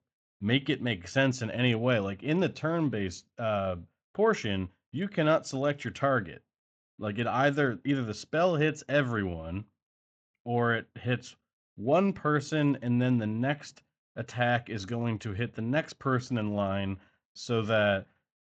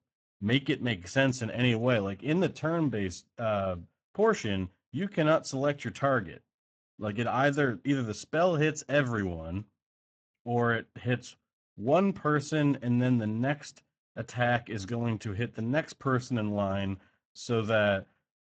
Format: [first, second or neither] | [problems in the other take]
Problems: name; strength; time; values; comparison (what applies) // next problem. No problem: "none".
first | garbled, watery; badly; nothing above 7.5 kHz; slightly in the first